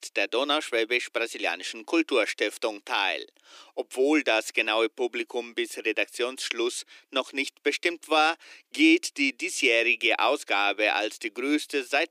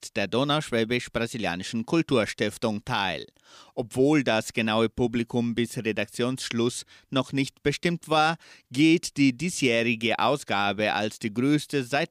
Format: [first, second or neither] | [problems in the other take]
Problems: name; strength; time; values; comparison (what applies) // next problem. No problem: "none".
second | thin; somewhat; fading below 300 Hz